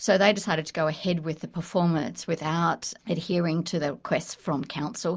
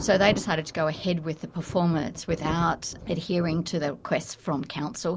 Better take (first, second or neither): first